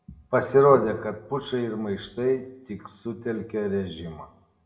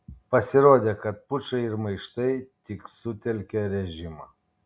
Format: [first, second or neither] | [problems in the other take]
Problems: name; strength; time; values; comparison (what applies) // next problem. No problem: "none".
second | background sound (Bowed string instrument); 16 dB below the speech // room echo; dies away in 0.6 s